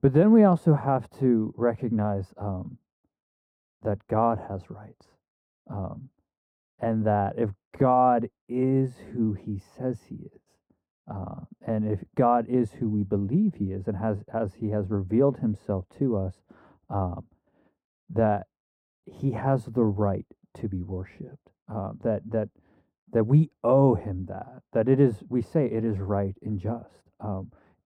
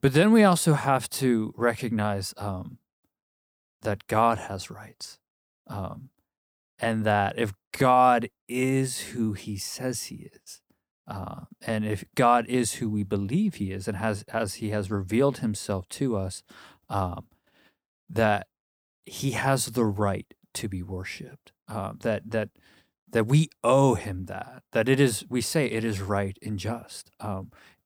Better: second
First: muffled; very; fading above 2 kHz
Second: none

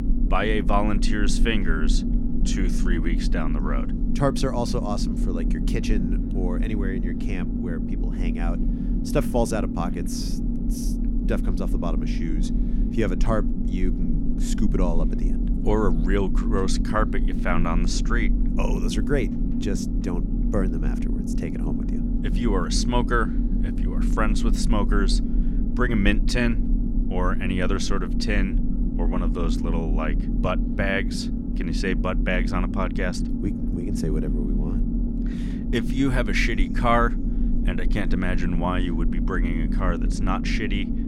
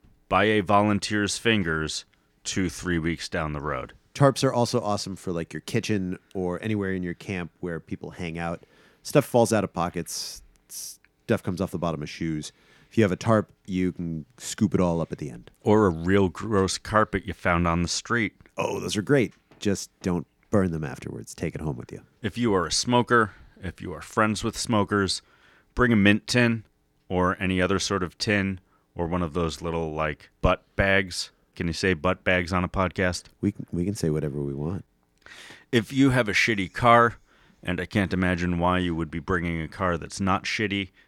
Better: second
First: low rumble; loud; throughout; 6 dB below the speech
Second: none

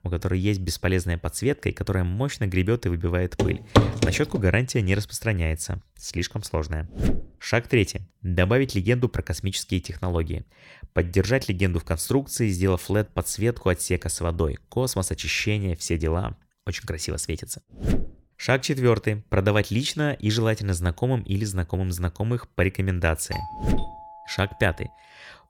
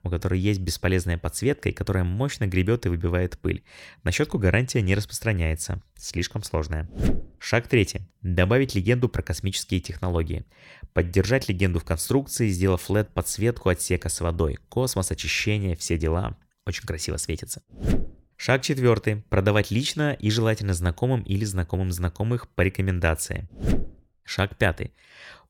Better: second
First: footsteps; loud; at 3.5 s; peak 5 dB above the speech // doorbell; faint; from 23 to 25 s; peak 10 dB below the speech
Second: none

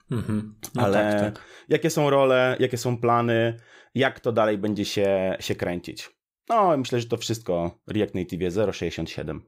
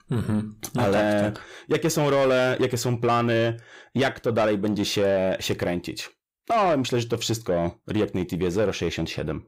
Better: first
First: none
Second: distortion; slight; 10 dB below the speech

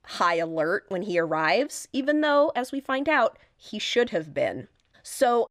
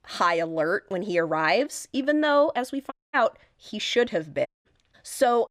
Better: first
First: none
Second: audio cutting out; at 3 s and at 4.5 s

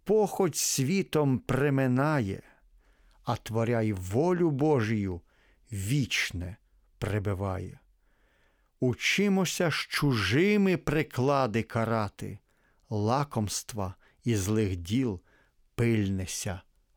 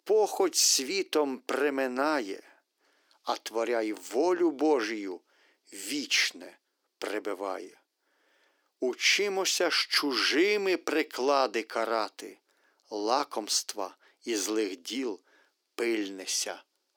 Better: first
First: none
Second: thin; somewhat; fading below 300 Hz

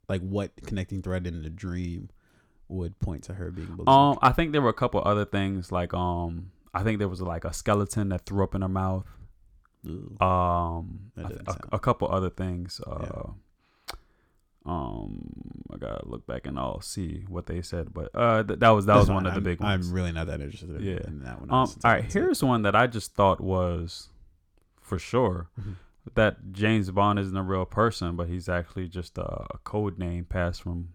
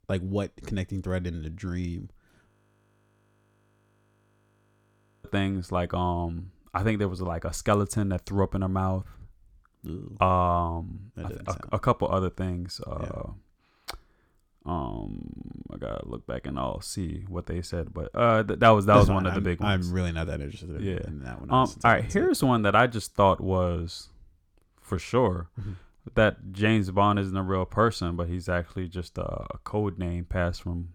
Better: first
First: none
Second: audio freezing; at 2.5 s for 3 s

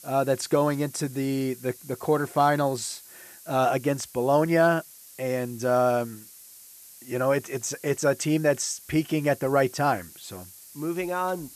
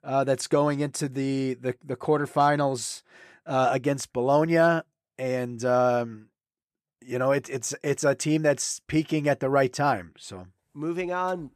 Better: second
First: hiss; noticeable; throughout; 20 dB below the speech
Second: none

